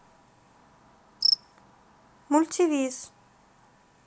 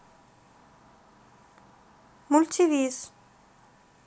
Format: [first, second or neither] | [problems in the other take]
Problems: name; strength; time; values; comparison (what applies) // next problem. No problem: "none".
second | background sound (Cricket); 2 dB below the speech